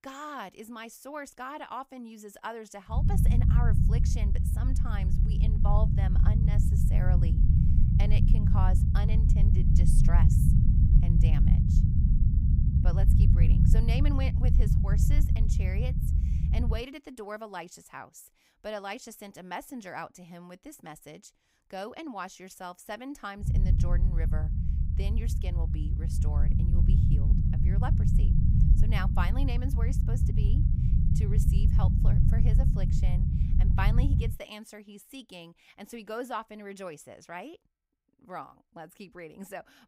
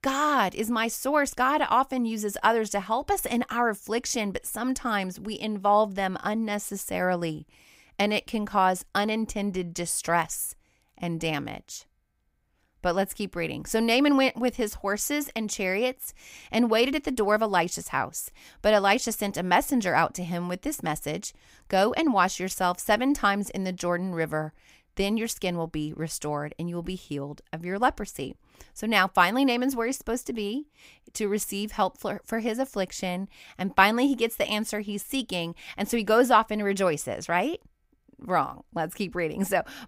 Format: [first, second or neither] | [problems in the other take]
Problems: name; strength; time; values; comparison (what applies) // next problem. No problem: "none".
second | low rumble; loud; from 3 to 17 s and from 23 to 34 s; as loud as the speech